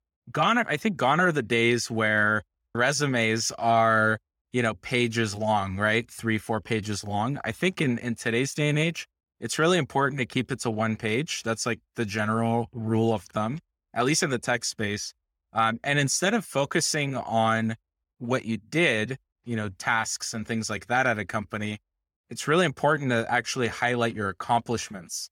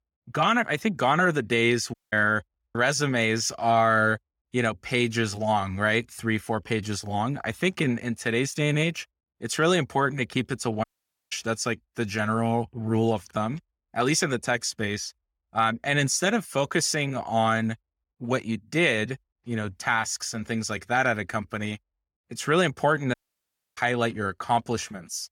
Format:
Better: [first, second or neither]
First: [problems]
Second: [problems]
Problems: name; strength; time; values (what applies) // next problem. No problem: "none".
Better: first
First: none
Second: audio cutting out; at 2 s, at 11 s and at 23 s for 0.5 s